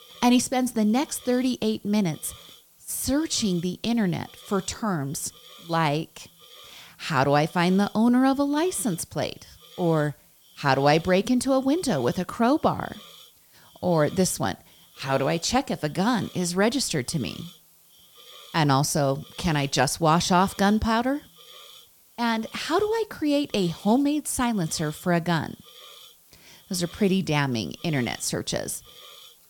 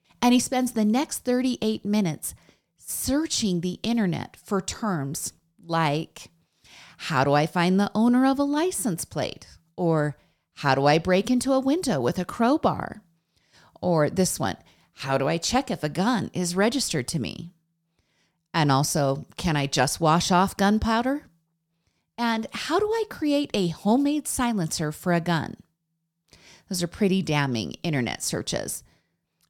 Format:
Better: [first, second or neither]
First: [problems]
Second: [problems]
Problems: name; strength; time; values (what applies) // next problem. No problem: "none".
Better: second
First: hiss; faint; throughout; 25 dB below the speech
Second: none